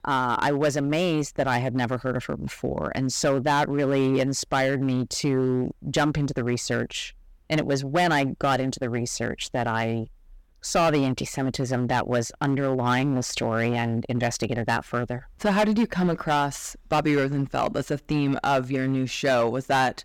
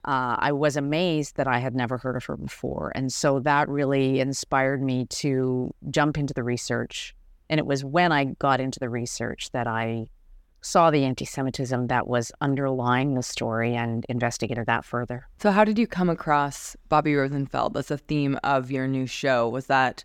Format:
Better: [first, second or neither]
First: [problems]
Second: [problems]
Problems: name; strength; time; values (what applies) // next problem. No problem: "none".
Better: second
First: distortion; slight; 7% of the sound clipped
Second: none